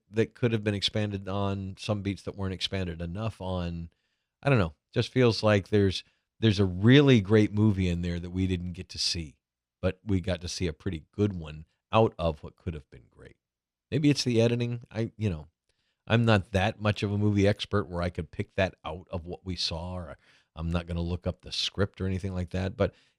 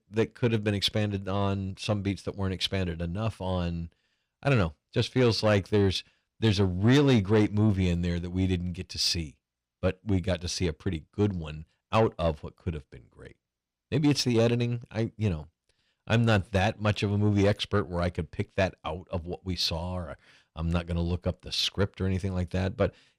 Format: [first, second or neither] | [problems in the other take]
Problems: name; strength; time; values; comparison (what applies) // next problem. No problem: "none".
first | distortion; slight; 10 dB below the speech